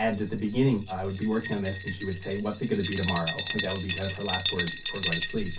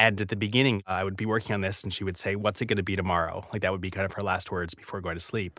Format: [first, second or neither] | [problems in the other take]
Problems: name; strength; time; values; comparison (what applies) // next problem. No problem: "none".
second | background sound (Glass); 5 dB below the speech // room echo; dies away in 0.3 s